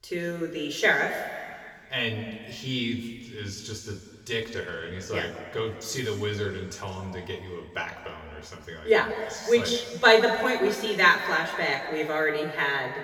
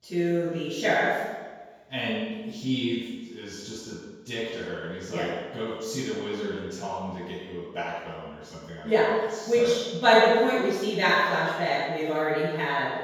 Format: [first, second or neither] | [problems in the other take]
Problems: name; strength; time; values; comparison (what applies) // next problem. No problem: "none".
first | room echo; strong; dies away in 1.2 s; slight in the first // off-mic speech; far; somewhat distant in the first